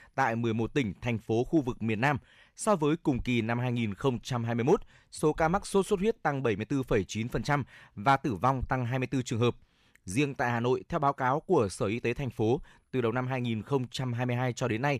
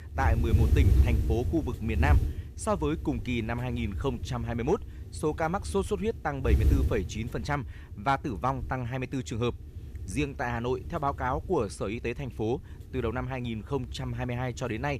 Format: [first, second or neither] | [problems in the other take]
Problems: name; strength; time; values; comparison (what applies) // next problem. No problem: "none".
first | wind noise on the microphone; occasional gusts; 15 dB below the speech